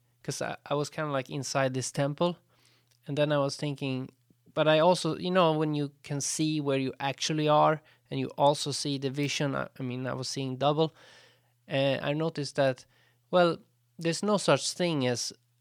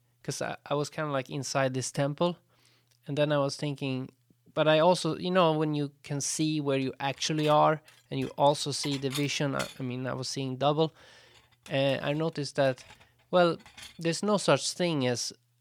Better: first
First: none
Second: clattering dishes; noticeable; from 7 to 14 s; peak 9 dB below the speech

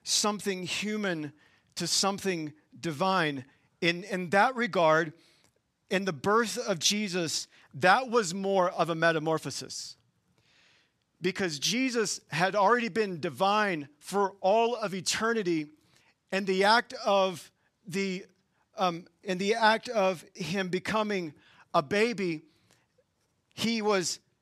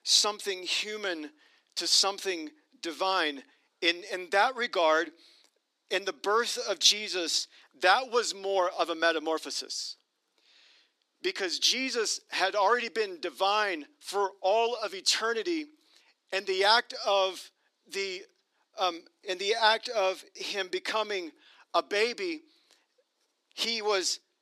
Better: first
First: none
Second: thin; somewhat; fading below 300 Hz

